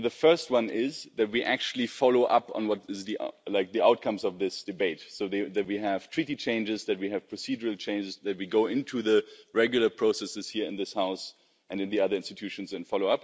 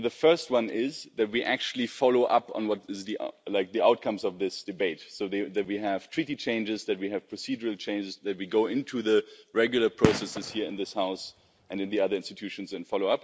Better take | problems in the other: first | background sound (Gunshot, gunfire); 6 dB below the speech

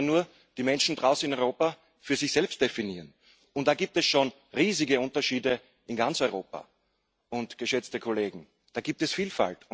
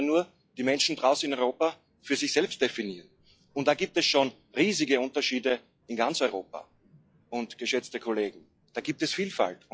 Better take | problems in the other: first | noise reduction (classical method log-MMSE)

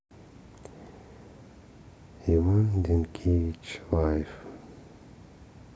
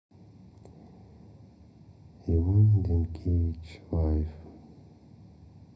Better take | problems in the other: first | room echo; dies away in 0.4 s

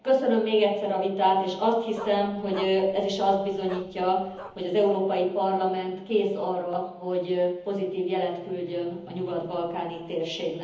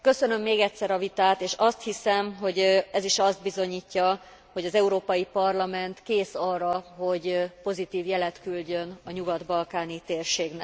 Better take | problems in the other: second | background sound (Bark); 17 dB below the speech // room echo; dies away in 1.3 s

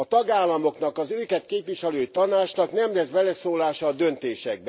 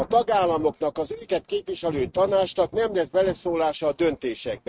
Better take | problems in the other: first | noise reduction (neural mask model RNNoise)

